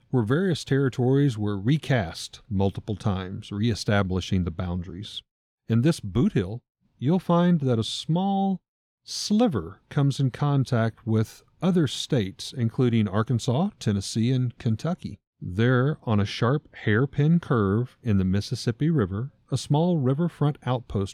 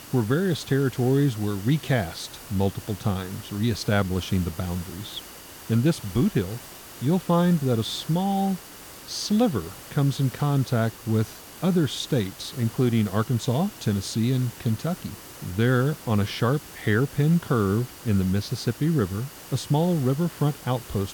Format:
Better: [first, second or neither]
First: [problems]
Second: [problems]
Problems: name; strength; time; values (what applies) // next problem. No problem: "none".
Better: first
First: none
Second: hiss; noticeable; throughout; 15 dB below the speech